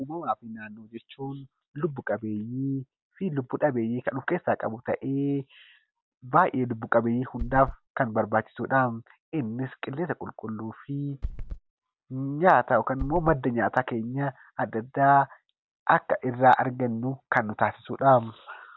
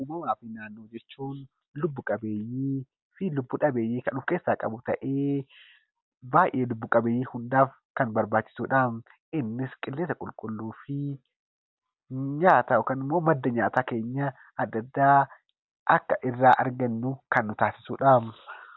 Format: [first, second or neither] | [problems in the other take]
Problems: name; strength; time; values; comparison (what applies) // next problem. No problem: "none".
second | background sound (Run); 7 dB below the speech